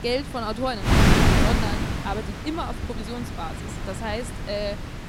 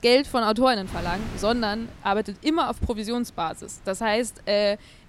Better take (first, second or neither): second